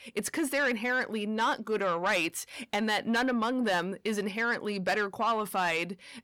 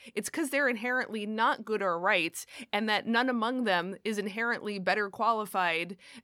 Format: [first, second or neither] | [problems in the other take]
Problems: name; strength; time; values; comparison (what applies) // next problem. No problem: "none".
second | distortion; slight; 10 dB below the speech